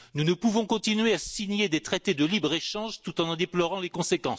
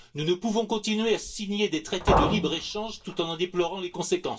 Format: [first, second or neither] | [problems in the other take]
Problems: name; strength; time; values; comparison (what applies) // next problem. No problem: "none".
first | background sound (Liquid); 1 dB below the speech // room echo; dies away in 0.2 s